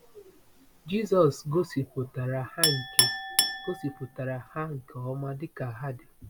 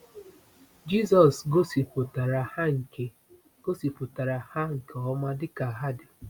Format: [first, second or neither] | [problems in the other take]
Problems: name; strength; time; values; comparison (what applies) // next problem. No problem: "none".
second | background sound (Chink, clink); 2 dB below the speech